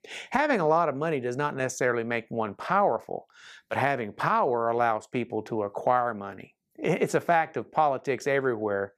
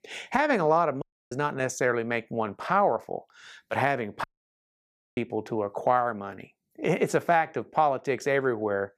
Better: first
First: none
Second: audio cutting out; at 1 s and at 4 s for 1 s

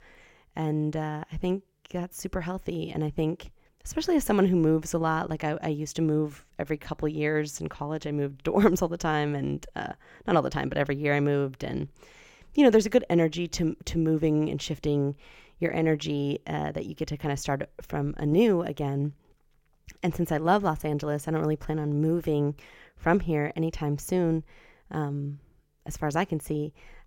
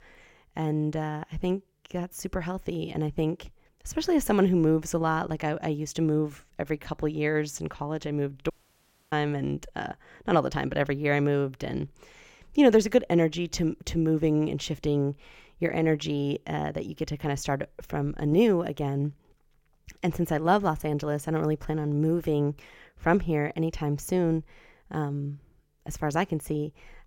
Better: first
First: none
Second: audio cutting out; at 8.5 s for 0.5 s

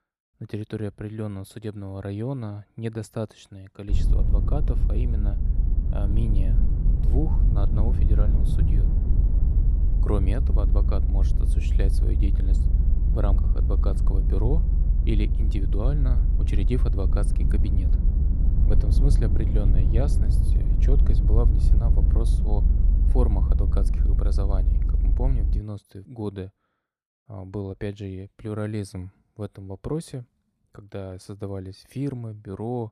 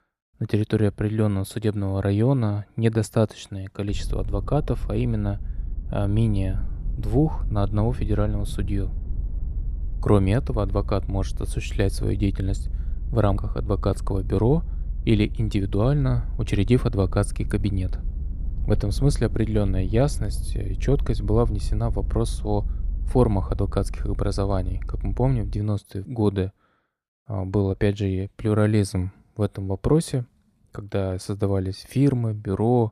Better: second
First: low rumble; loud; from 4 to 26 s; 4 dB below the speech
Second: low rumble; faint; from 4 to 26 s; 20 dB below the speech

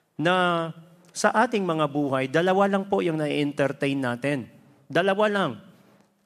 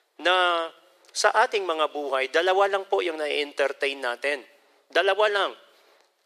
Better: first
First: none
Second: thin; very; fading below 400 Hz

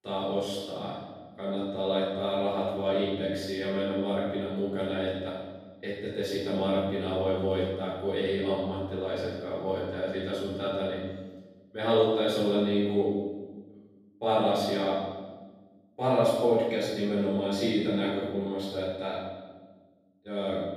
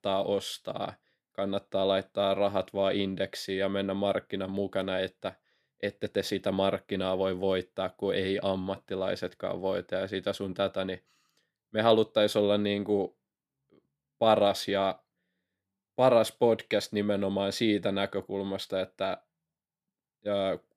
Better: second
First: off-mic speech; far // room echo; strong; dies away in 1.2 s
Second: none

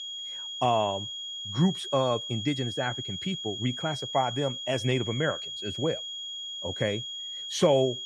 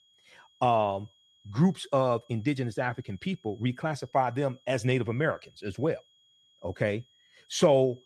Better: second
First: high-pitched whine; loud; throughout; 3.5 kHz, 5 dB below the speech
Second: high-pitched whine; faint; throughout; 3.5 kHz, 35 dB below the speech

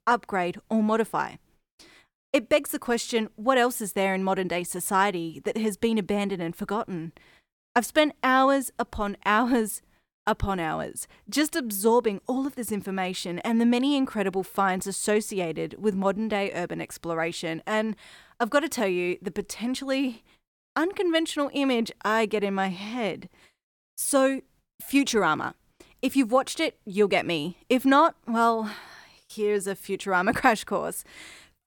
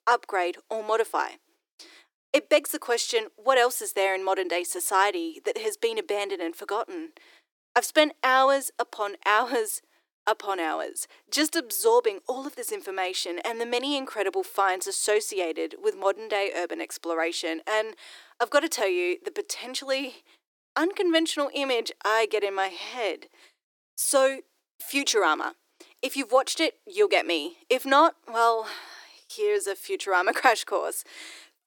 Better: first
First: none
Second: thin; somewhat; fading below 300 Hz

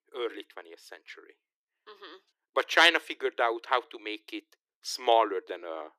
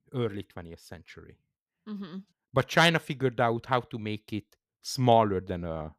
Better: second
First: thin; very; fading below 300 Hz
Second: none

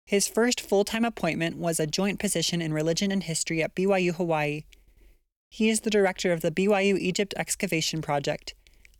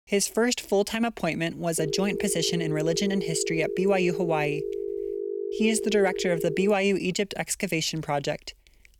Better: first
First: none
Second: phone ringing; noticeable; from 2 to 6.5 s; peak 5 dB below the speech

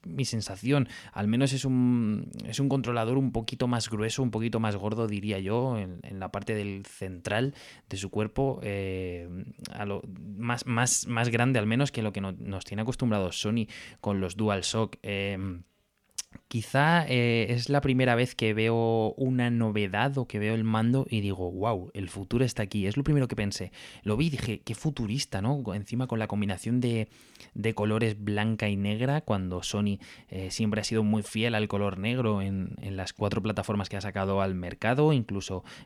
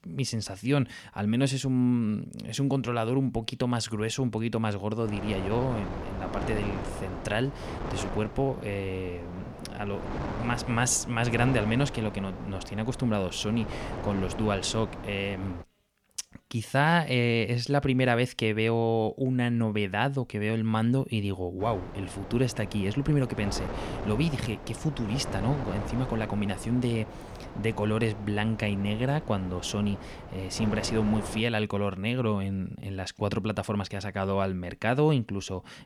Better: first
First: none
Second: wind noise on the microphone; heavy; from 5 to 16 s and from 22 to 31 s; 9 dB below the speech

